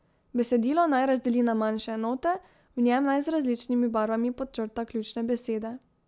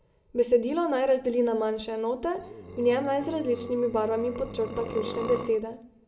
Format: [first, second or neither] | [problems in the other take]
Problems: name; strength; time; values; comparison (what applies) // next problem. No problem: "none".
first | background sound (Burping, eructation); 11 dB below the speech // room echo; dies away in 0.7 s